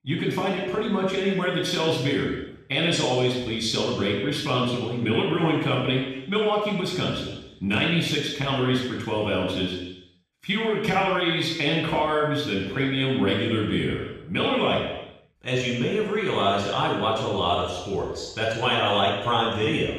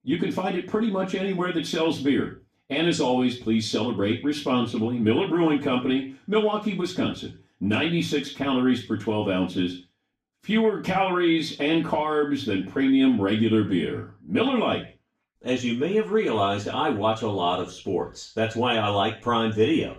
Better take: second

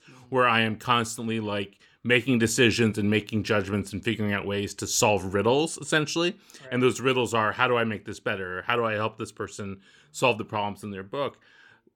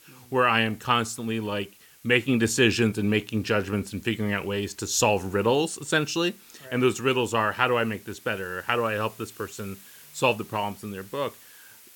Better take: first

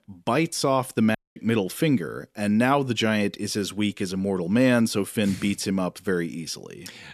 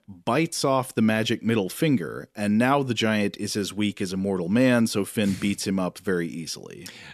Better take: second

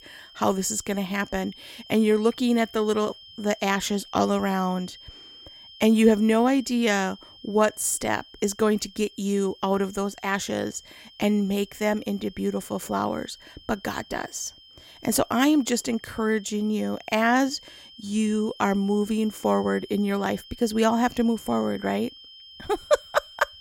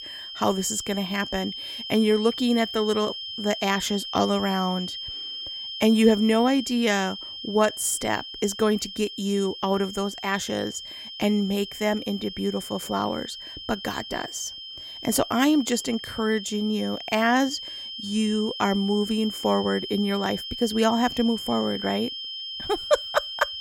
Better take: first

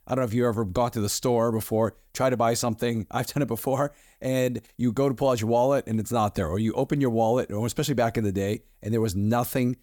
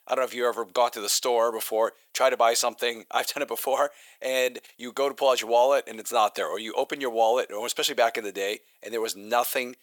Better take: first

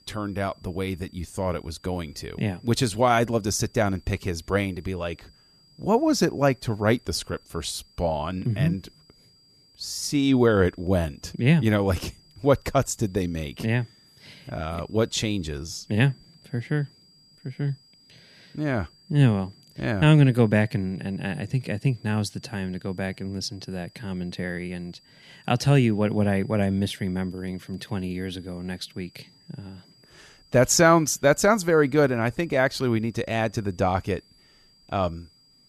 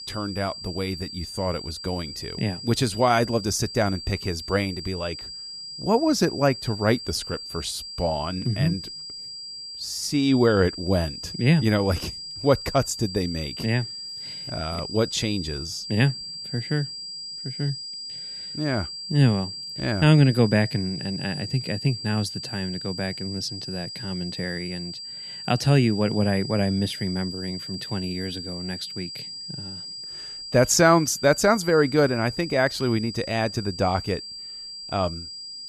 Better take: first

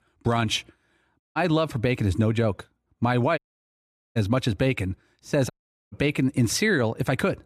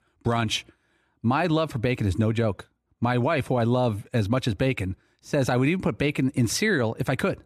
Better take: second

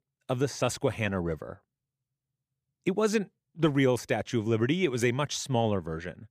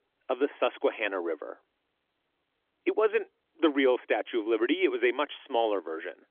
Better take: first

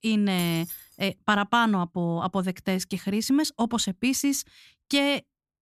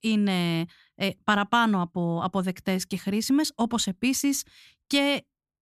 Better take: second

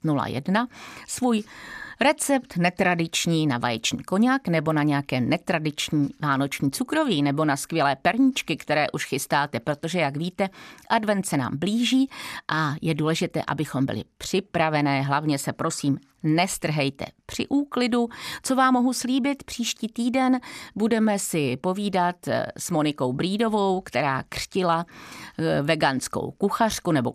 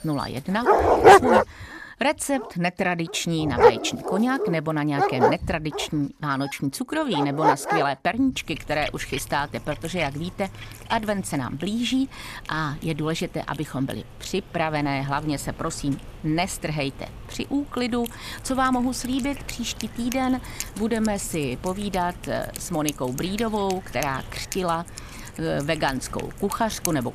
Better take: first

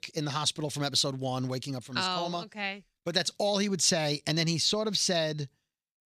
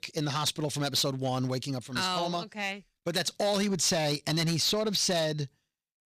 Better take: first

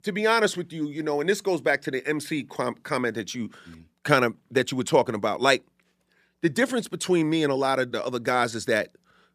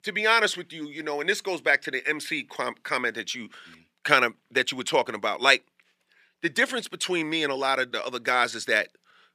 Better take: first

